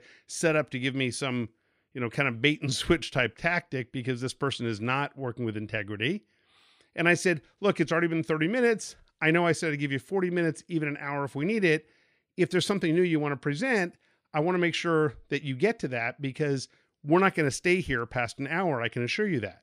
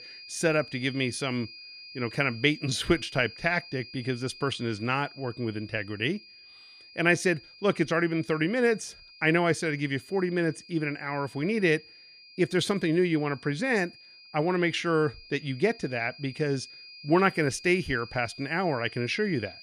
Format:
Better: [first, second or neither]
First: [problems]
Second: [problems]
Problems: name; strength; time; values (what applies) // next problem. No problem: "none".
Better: first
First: none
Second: high-pitched whine; noticeable; throughout; 5 kHz, 20 dB below the speech